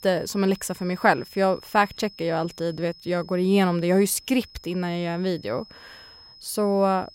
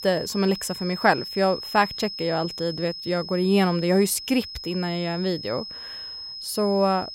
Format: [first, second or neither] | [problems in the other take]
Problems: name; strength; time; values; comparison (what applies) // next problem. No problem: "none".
first | high-pitched whine; loud; throughout; 5 kHz, 9 dB below the speech; faint in the first